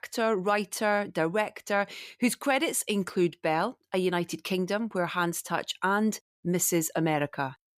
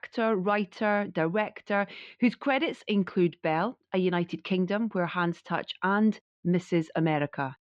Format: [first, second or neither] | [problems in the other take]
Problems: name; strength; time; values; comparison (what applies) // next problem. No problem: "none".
first | muffled; very; fading above 3.5 kHz